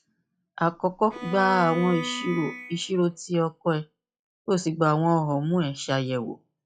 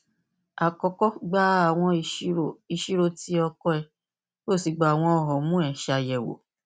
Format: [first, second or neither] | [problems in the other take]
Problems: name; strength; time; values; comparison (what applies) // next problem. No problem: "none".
second | noise reduction (classical method log-MMSE)